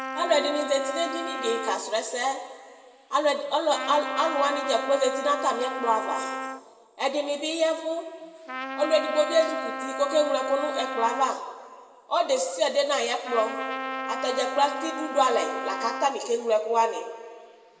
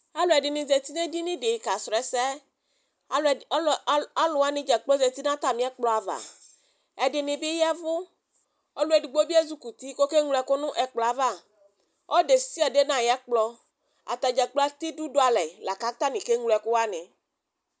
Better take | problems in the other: second | background sound (Trumpet); 8 dB below the speech // room echo; dies away in 1.4 s

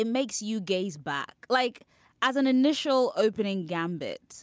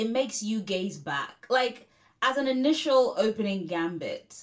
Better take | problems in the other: first | room echo; dies away in 0.2 s

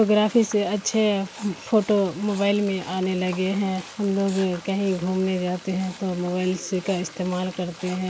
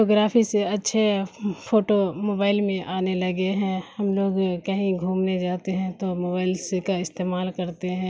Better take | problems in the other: second | background sound (Frying (food) + Writing); 19 dB below the speech

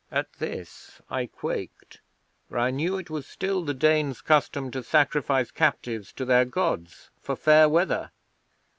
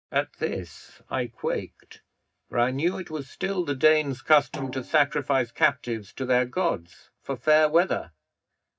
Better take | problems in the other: first | noise reduction (neural mask model DeepFilterNet 3)

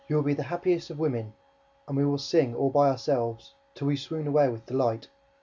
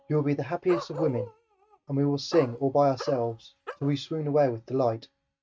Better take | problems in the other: first | noise reduction (neural mask model RNNoise)

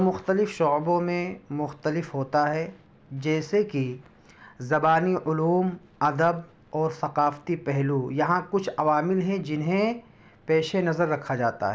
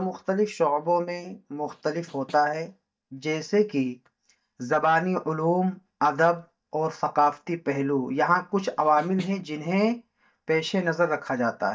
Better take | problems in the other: first | noise reduction (neural mask model DeepFilterNet 3)

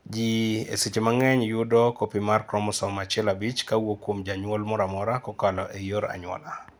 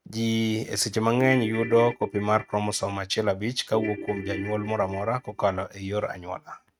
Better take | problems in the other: first | noise reduction (neural mask model RNNoise)

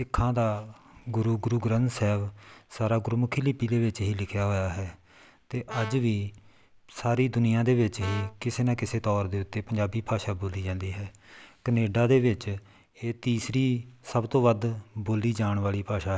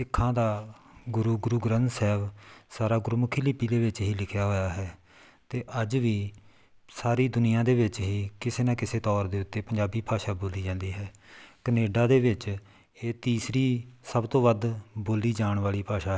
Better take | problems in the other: second | background sound (Brass instrument); 15 dB below the speech

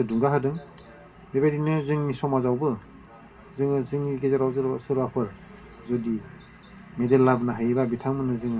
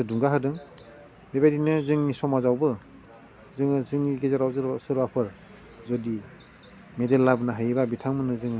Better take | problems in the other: second | room echo; dies away in 0.2 s

